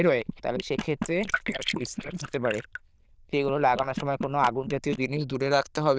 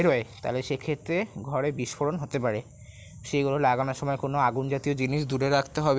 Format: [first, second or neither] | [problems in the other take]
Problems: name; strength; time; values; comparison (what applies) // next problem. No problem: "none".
second | noise reduction (neural diffusion model UNIVERSE++)